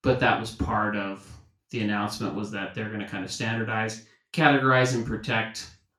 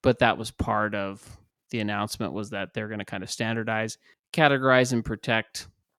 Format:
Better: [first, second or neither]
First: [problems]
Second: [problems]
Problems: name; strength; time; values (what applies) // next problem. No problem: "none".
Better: second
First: room echo; slight; dies away in 0.3 s // off-mic speech; far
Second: none